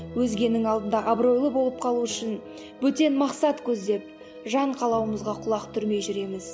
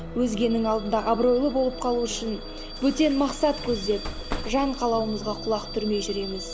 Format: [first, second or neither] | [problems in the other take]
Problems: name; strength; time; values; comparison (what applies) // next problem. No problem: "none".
first | background sound (Bus / Alarm); 11 dB below the speech